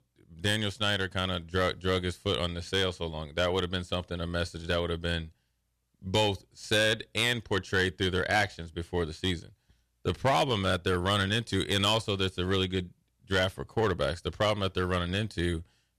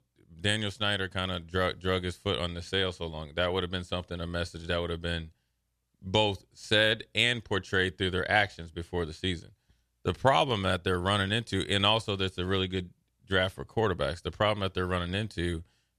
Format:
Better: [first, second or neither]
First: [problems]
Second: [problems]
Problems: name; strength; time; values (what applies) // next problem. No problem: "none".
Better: second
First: distortion; slight; 3% of the sound clipped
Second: none